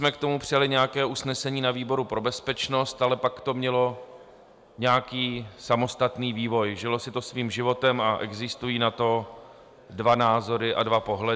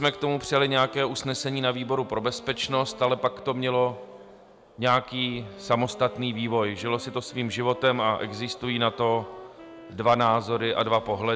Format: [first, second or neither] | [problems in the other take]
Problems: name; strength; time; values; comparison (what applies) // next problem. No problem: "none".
first | background sound (Wind instrument, woodwind instrument); 19 dB below the speech